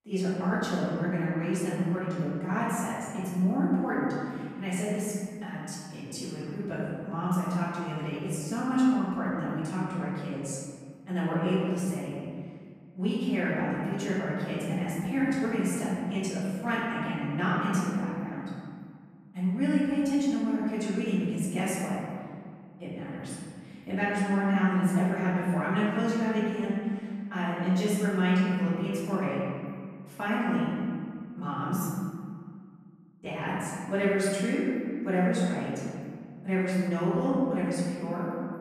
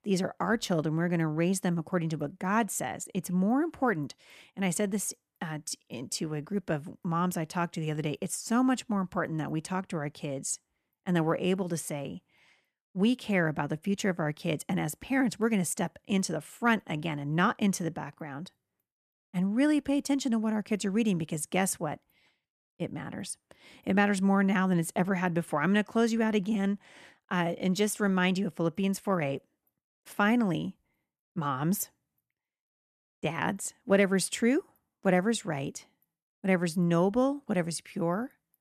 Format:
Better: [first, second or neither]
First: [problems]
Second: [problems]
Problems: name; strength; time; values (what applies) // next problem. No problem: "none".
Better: second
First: room echo; strong; dies away in 2 s // off-mic speech; far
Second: none